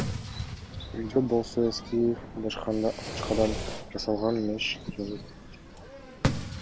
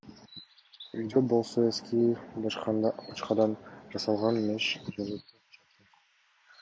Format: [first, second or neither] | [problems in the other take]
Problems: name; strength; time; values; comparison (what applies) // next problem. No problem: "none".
second | background sound (Fireworks); 6 dB below the speech